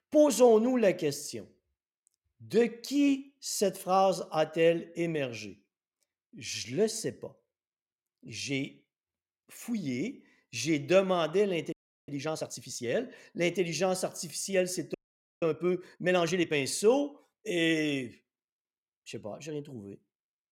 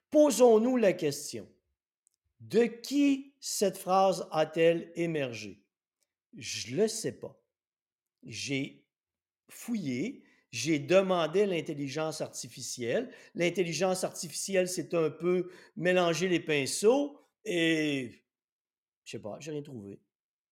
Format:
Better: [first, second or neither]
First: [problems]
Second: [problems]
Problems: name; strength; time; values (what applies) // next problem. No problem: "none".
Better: second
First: audio freezing; at 12 s and at 15 s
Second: none